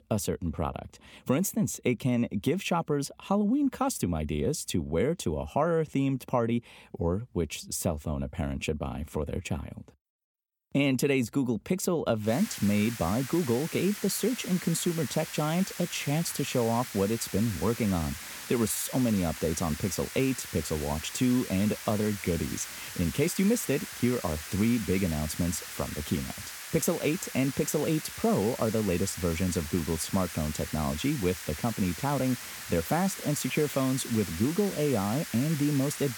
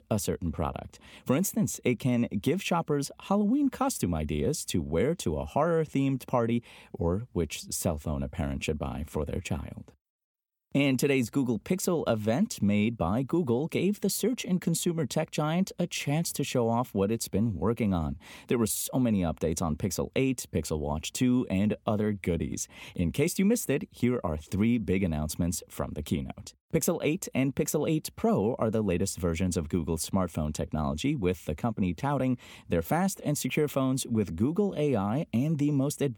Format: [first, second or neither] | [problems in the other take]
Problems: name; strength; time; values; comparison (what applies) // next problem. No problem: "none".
second | hiss; loud; from 12 s on; 9 dB below the speech